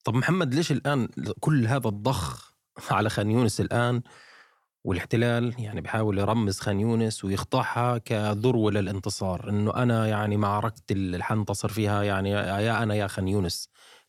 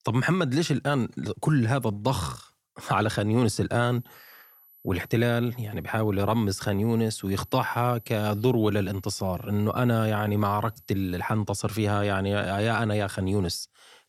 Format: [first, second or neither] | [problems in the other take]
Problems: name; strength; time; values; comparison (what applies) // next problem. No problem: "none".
first | high-pitched whine; faint; from 4 to 11 s; 12 kHz, 25 dB below the speech